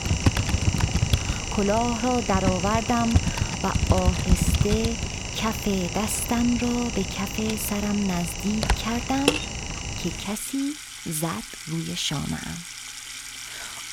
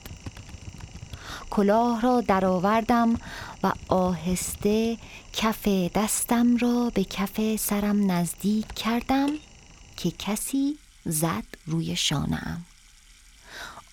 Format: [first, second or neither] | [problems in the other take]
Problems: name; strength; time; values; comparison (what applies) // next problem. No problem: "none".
second | household noises; loud; throughout; 1 dB below the speech; faint in the second